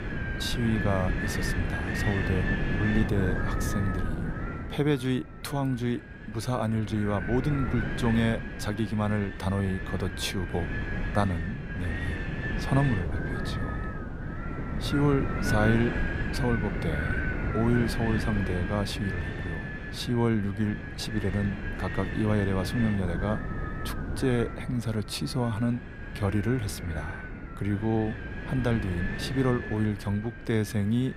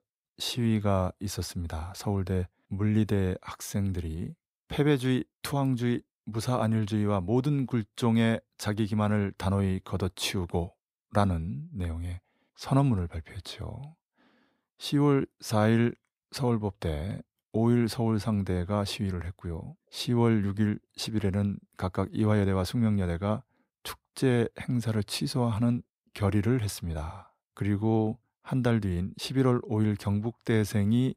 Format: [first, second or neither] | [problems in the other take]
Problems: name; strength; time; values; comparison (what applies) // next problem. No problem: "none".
second | wind noise on the microphone; heavy; 2 dB below the speech